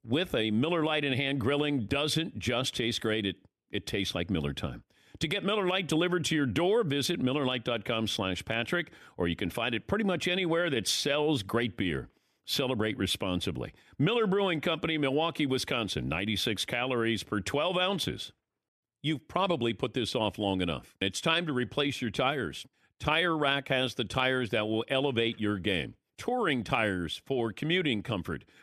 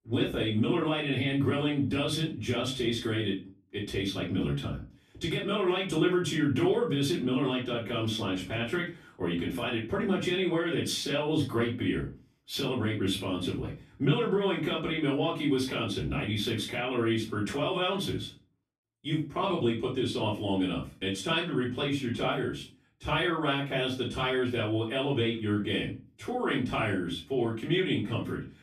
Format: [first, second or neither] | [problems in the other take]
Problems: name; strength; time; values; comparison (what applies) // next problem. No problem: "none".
first | off-mic speech; far // room echo; slight; dies away in 0.3 s